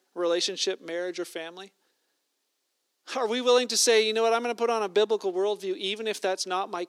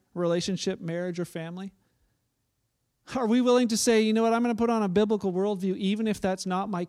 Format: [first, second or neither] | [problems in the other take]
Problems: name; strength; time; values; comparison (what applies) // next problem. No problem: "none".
second | thin; somewhat; fading below 350 Hz